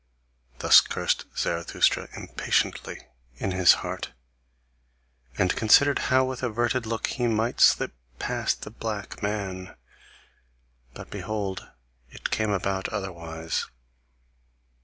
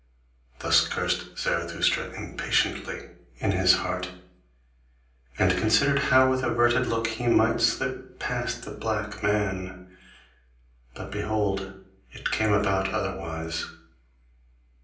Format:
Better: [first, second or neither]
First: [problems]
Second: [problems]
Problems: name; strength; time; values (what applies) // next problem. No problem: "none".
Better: first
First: none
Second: room echo; dies away in 0.6 s